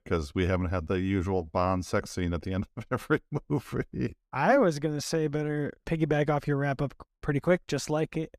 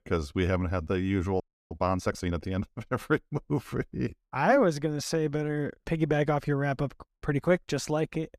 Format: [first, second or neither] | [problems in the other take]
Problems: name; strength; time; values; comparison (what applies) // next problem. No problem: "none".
first | audio freezing; at 1.5 s